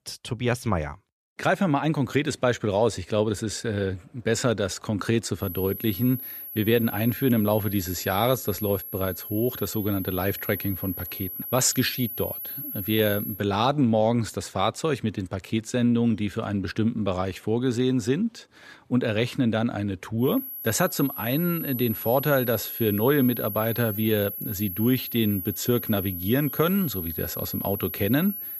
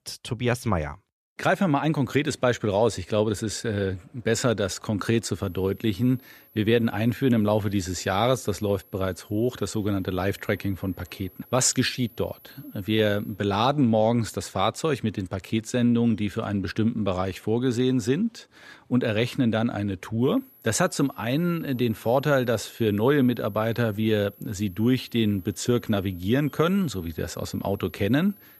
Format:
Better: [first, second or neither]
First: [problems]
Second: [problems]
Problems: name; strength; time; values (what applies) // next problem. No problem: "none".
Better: second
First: high-pitched whine; loud; from 5.5 to 13 s and from 20 s on; 12 kHz, 7 dB below the speech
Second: high-pitched whine; faint; from 5.5 to 13 s and from 20 s on; 12 kHz, 25 dB below the speech